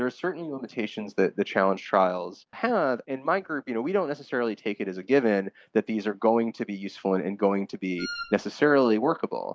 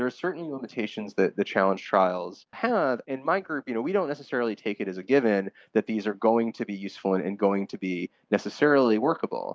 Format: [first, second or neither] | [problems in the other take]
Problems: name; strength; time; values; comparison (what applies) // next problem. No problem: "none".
second | background sound (Wind instrument, woodwind instrument); 11 dB below the speech